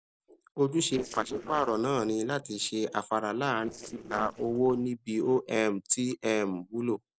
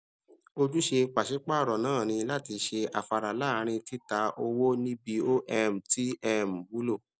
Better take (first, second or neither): second